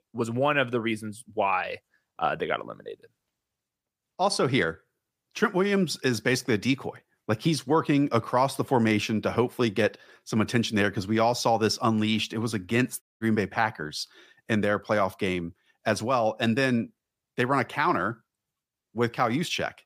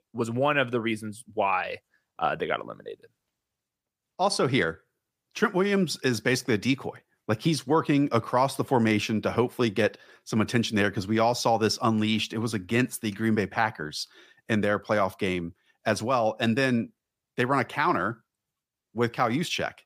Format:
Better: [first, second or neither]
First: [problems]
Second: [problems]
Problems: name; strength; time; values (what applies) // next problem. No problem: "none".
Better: second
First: audio cutting out; at 13 s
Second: none